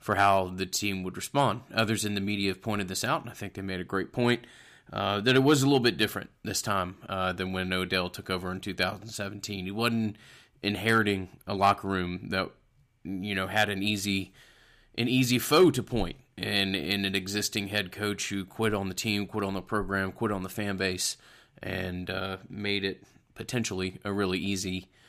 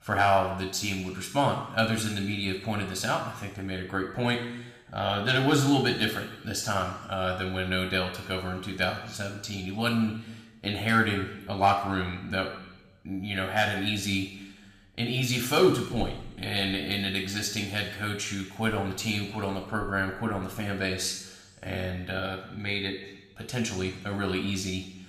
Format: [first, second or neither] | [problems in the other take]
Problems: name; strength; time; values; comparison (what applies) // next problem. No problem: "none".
first | room echo; noticeable; dies away in 0.9 s // off-mic speech; somewhat distant